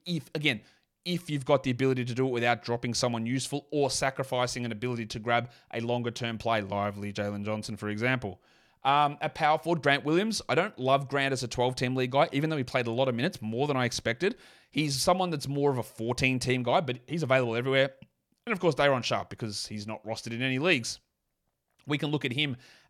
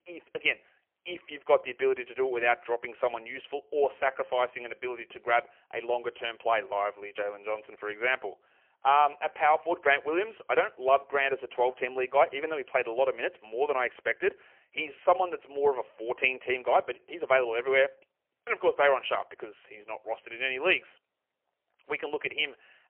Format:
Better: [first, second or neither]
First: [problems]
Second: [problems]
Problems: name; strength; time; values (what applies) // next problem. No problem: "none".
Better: first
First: none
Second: phone-call audio; poor line; nothing above 3 kHz